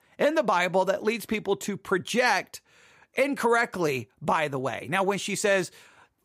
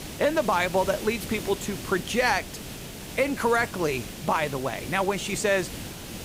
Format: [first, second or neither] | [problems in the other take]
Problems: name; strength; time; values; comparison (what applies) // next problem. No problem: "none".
first | hiss; noticeable; throughout; 10 dB below the speech